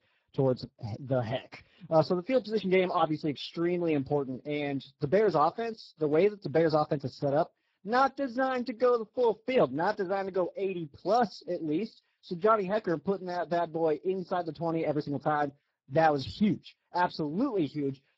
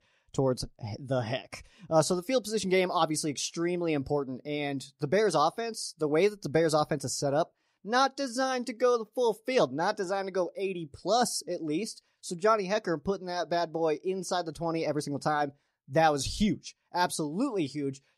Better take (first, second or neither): second